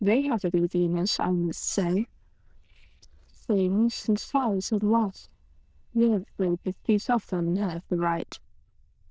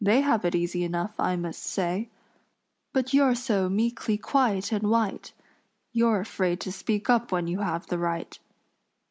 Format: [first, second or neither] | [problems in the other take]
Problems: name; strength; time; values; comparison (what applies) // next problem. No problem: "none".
second | noise reduction (neural diffusion model UNIVERSE++)